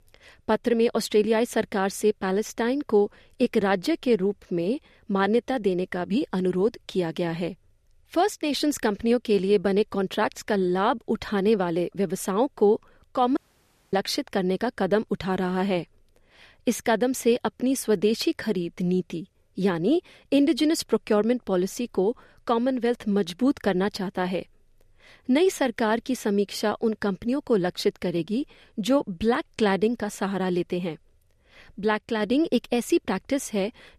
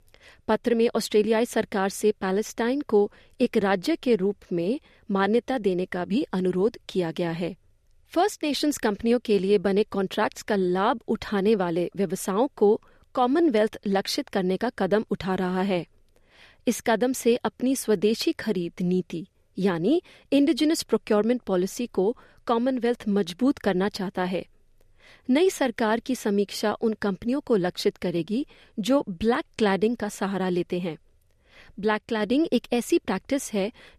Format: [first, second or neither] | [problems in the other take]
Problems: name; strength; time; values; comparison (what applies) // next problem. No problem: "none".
second | audio cutting out; at 13 s for 0.5 s